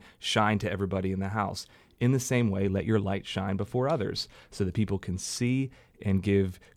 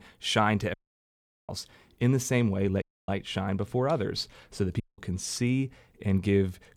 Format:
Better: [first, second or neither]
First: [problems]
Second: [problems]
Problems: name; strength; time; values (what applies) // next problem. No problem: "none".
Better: first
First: none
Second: audio cutting out; at 0.5 s for 1 s, at 3 s and at 5 s